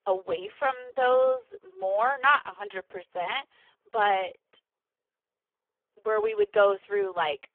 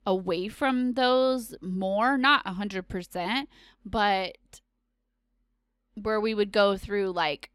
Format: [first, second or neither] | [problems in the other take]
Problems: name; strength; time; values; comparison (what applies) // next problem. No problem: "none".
second | phone-call audio; poor line